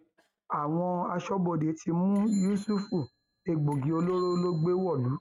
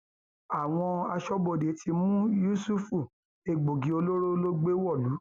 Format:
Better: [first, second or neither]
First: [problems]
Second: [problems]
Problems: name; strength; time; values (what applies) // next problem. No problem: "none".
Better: second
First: noise reduction (neural mask model RNNoise)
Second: none